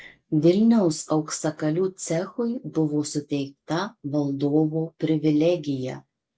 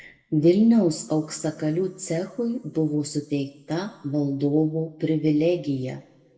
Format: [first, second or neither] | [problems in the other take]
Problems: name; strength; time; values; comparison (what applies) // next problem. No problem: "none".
first | room echo; dies away in 0.9 s